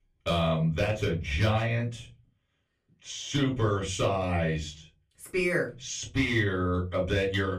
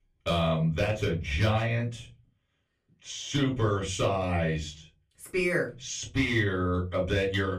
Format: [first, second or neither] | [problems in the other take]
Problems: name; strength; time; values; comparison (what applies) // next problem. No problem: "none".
neither | off-mic speech; far; the same in both // room echo; very slight; dies away in 0.3 s; the same in both